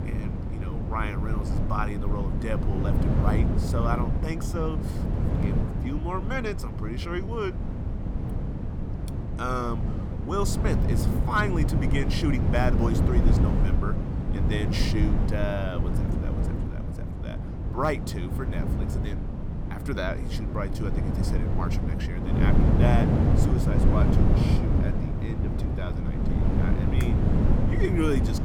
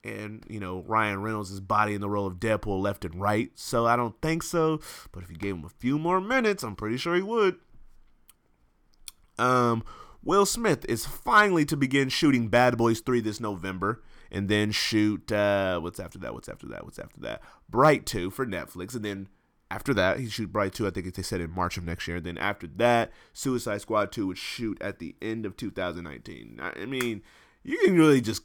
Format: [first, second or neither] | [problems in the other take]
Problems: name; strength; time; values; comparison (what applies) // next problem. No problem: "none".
second | wind noise on the microphone; heavy; 3 dB below the speech